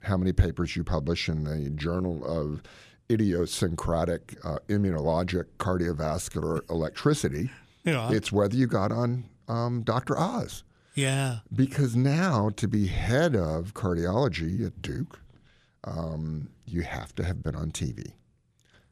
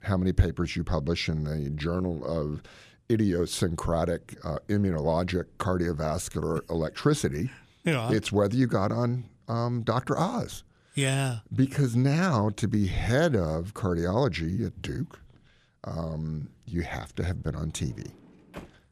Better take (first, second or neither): first